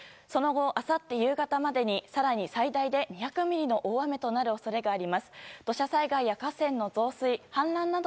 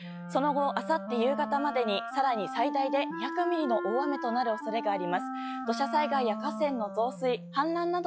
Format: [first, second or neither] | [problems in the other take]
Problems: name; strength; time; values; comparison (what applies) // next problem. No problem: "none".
first | noise reduction (classical method log-MMSE)